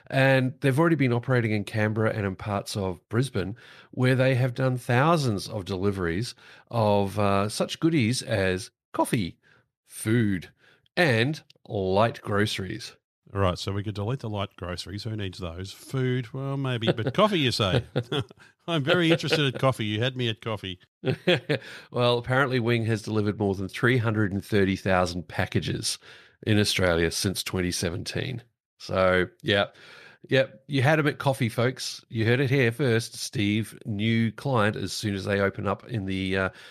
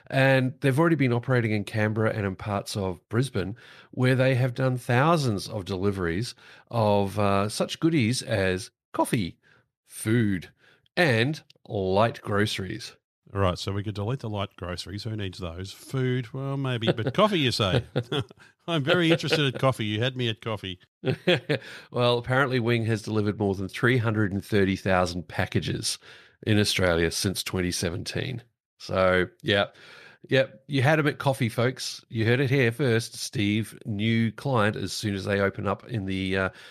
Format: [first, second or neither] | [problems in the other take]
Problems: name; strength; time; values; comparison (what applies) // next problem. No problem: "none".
neither | none